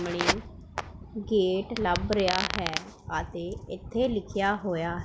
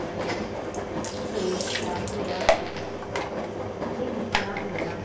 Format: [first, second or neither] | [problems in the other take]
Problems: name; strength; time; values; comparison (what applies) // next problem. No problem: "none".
first | background sound (Engine); 5 dB above the speech // room echo; dies away in 0.9 s